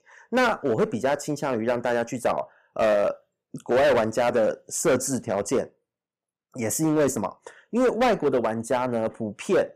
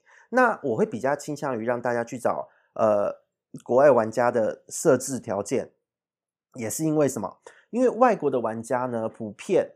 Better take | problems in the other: second | distortion; heavy; 8% of the sound clipped

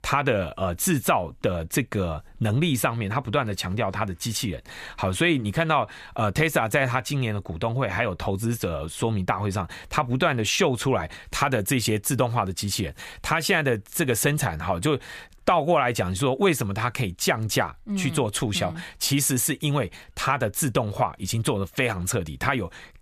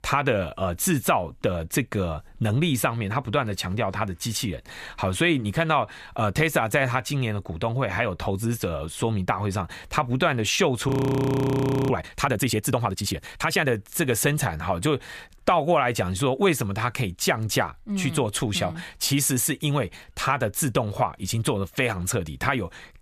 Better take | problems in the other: first | audio freezing; at 11 s for 1 s

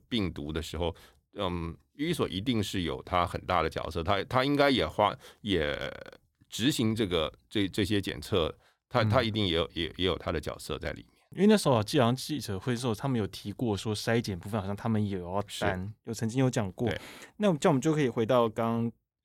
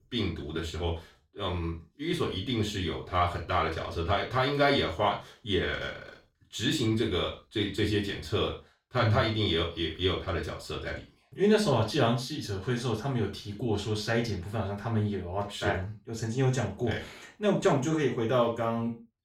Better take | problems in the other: first | room echo; noticeable; dies away in 0.3 s // off-mic speech; far

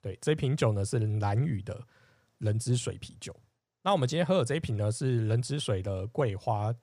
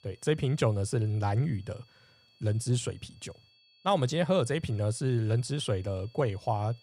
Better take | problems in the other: first | high-pitched whine; faint; throughout; 4.5 kHz, 30 dB below the speech

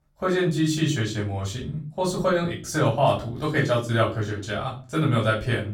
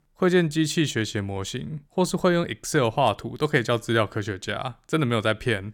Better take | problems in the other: second | off-mic speech; far // room echo; slight; dies away in 0.3 s

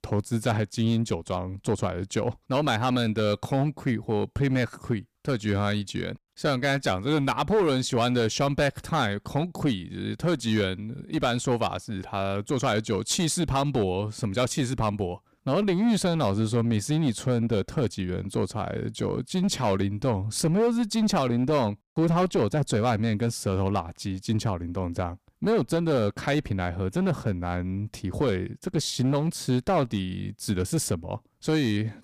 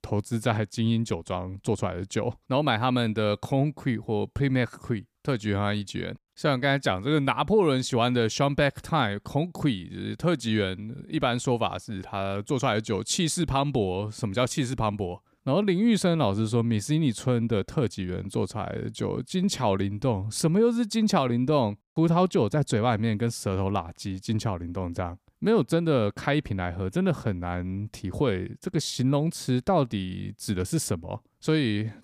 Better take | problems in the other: second | distortion; slight; 7% of the sound clipped

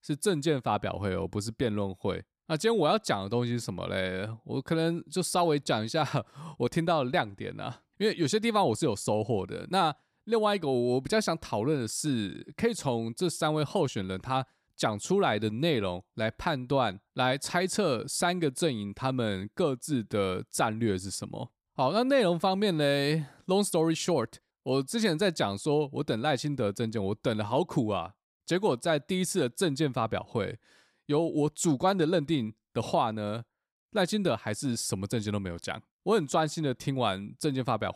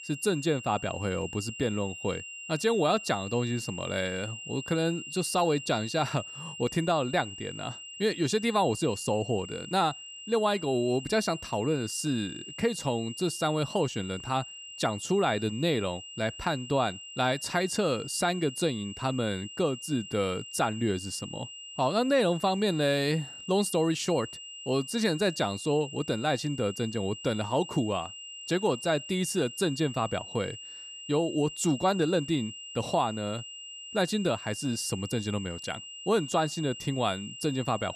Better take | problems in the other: first | high-pitched whine; noticeable; throughout; 3 kHz, 10 dB below the speech

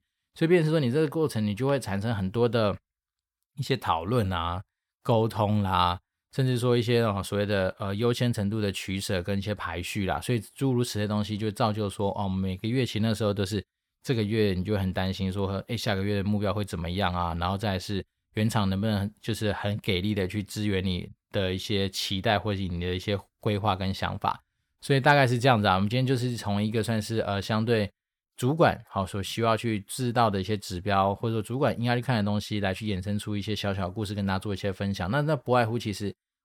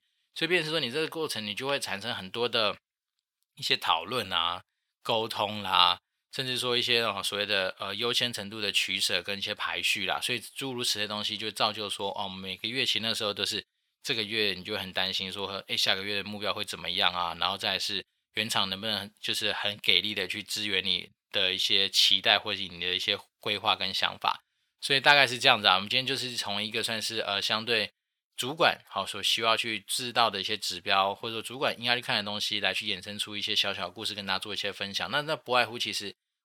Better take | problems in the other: first | thin; somewhat; fading below 1 kHz

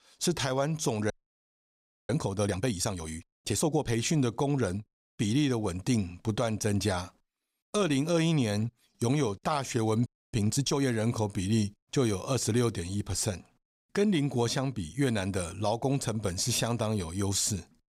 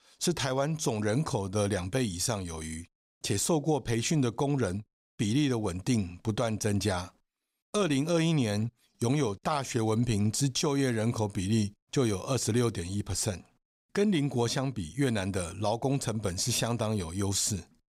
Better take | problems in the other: second | audio freezing; at 1 s for 1 s and at 10 s

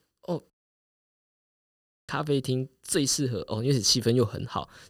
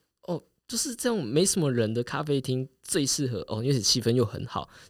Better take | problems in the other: second | audio cutting out; at 0.5 s for 1.5 s

